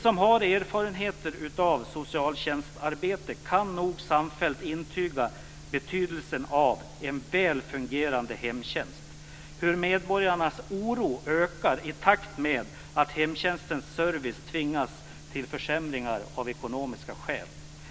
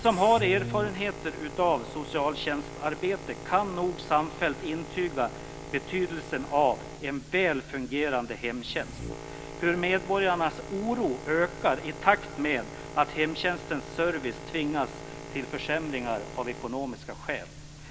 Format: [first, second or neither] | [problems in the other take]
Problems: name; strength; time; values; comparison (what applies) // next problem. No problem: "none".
first | background sound (Boat, Water vehicle); 13 dB below the speech